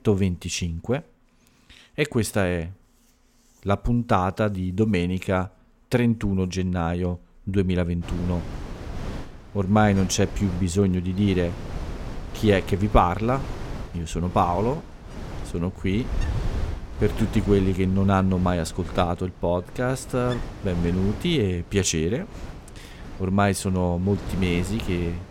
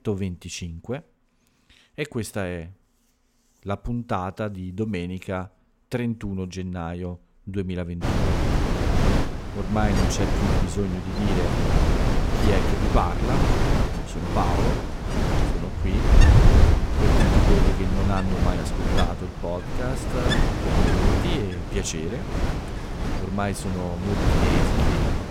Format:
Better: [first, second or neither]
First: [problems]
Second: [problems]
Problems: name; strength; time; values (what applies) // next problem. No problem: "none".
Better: first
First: wind noise on the microphone; occasional gusts; from 8 s on; 15 dB below the speech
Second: wind noise on the microphone; heavy; from 8 s on; 3 dB above the speech